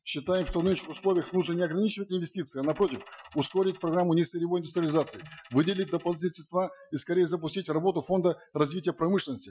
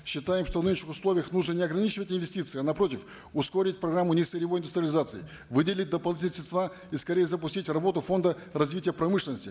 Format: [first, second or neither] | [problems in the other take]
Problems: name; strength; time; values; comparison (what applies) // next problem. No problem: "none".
second | noise reduction (classical method Wiener filter)